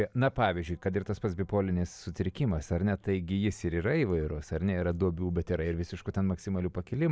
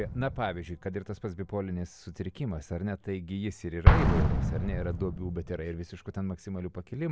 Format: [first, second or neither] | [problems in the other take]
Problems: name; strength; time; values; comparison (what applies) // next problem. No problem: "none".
first | background sound (Explosion); 4 dB above the speech